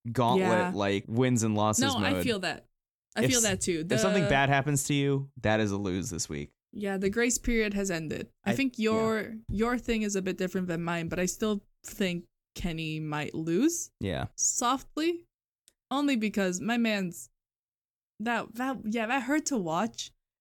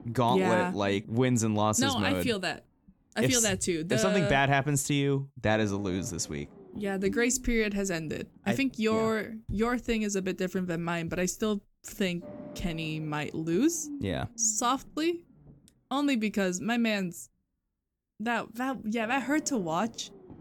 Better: first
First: none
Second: low rumble; faint; throughout; 20 dB below the speech

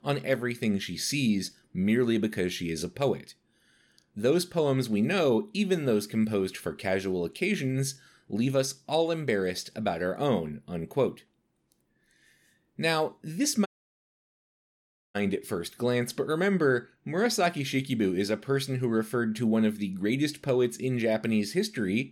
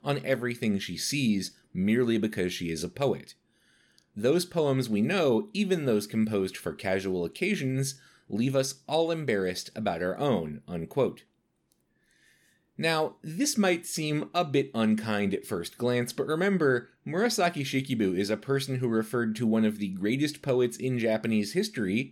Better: second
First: audio cutting out; at 14 s for 1.5 s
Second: none

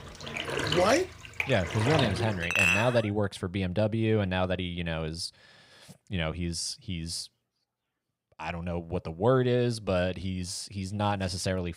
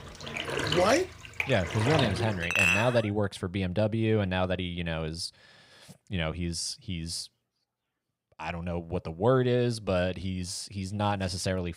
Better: neither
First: household noises; very loud; until 3 s; as loud as the speech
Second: household noises; very loud; until 3 s; as loud as the speech

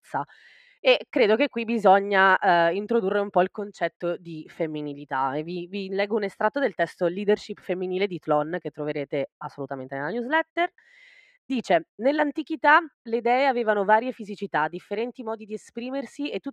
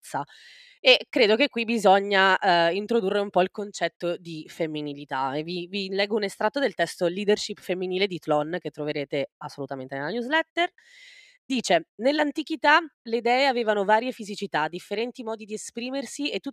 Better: second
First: muffled; slightly; fading above 3 kHz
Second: none

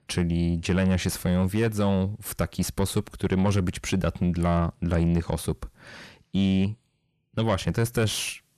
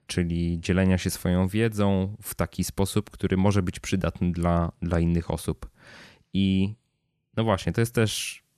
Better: second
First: distortion; slight; 10 dB below the speech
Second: none

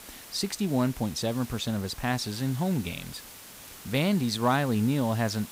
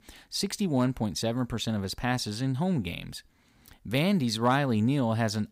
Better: second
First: hiss; noticeable; throughout; 15 dB below the speech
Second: none

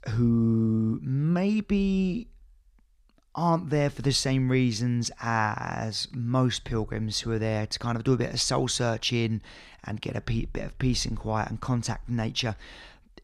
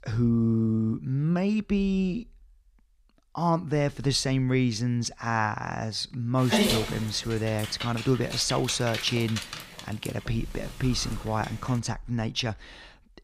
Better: first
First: none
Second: dog barking; loud; from 6.5 to 11 s; peak 4 dB above the speech

